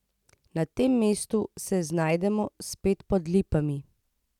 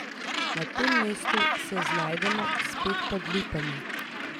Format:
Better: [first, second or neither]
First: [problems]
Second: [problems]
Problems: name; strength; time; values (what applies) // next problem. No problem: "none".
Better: first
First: none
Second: background sound (Gull, seagull); 4 dB above the speech